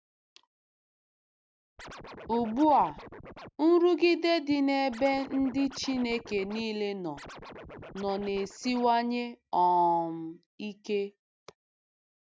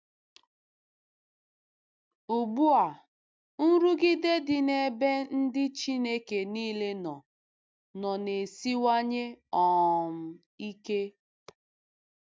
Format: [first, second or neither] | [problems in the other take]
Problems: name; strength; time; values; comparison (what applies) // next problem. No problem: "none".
second | noise reduction (neural mask model RNNoise)